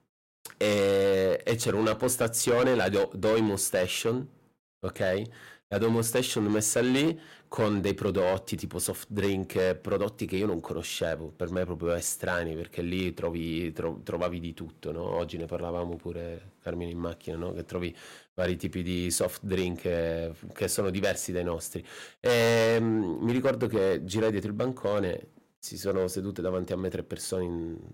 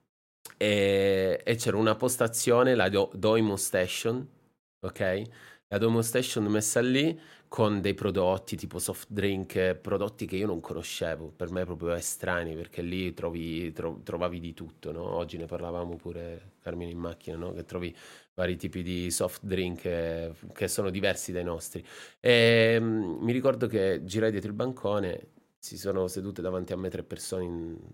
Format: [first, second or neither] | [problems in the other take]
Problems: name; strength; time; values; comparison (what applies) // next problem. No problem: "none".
second | distortion; slight; 5% of the sound clipped